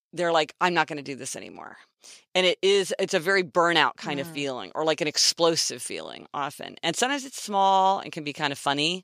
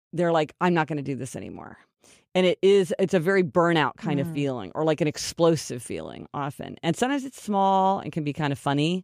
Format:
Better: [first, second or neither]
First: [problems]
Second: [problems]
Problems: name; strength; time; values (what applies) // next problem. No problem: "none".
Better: second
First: thin; somewhat; fading below 850 Hz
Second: none